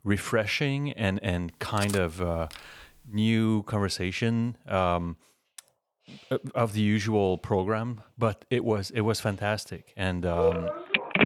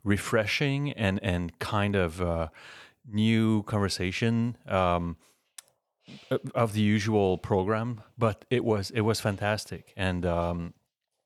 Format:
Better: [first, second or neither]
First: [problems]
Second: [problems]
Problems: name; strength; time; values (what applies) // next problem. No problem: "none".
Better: second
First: clattering dishes; noticeable; from 2 to 3 s; peak 8 dB below the speech // phone ringing; loud; at 10 s; peak 4 dB above the speech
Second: none